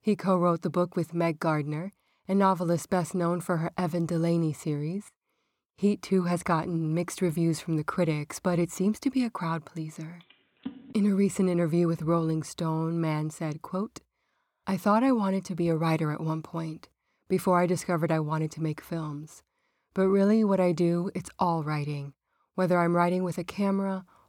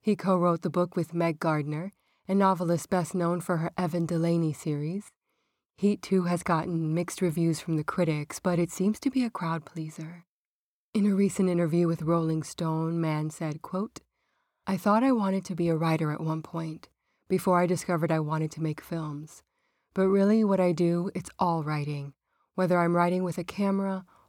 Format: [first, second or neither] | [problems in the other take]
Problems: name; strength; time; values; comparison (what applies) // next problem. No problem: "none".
second | phone ringing; faint; at 11 s; peak 15 dB below the speech